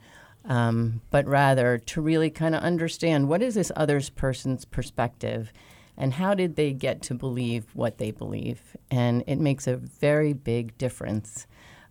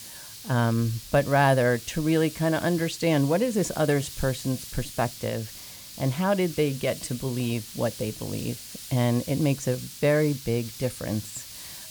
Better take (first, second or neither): first